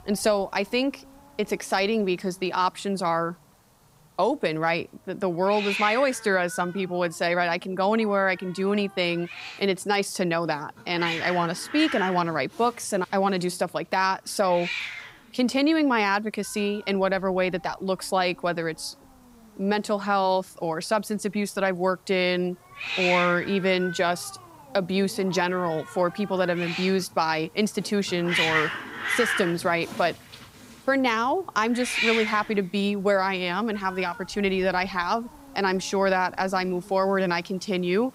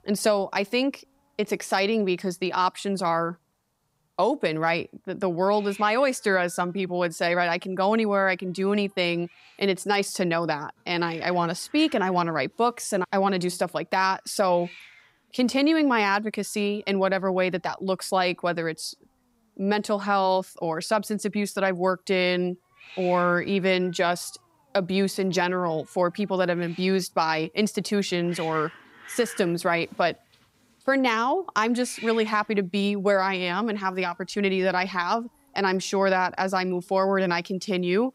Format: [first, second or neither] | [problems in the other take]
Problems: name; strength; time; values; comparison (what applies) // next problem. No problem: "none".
second | hiss; loud; throughout; 5 dB below the speech; faint in the second